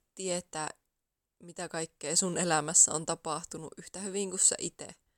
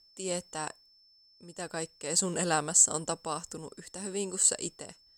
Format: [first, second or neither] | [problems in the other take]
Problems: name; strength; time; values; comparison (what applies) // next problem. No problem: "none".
first | high-pitched whine; faint; throughout; 5.5 kHz, 30 dB below the speech